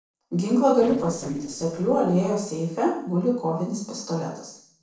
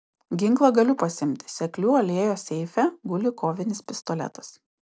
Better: second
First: noise reduction (neural separator model SepFormer DNS4)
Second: none

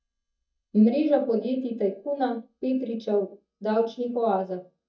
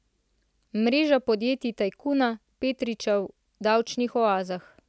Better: second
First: noise reduction (neural mask model DeepFilterNet 3)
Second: none

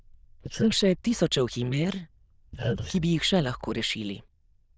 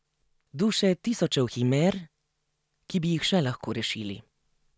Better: second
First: noise reduction (neural diffusion model UNIVERSE++)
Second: none

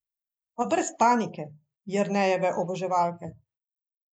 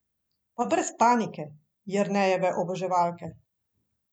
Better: second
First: noise reduction (neural mask model Resemble Enhance denoiser)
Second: none

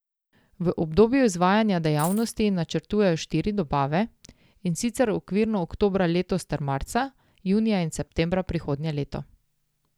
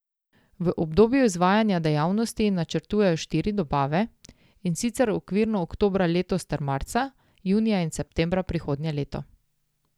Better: second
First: background sound (Coin (dropping)); 17 dB below the speech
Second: none

